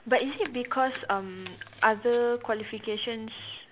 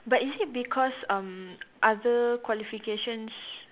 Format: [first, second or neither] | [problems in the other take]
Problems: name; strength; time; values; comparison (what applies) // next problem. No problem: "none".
second | background sound (Chewing, mastication); 20 dB below the speech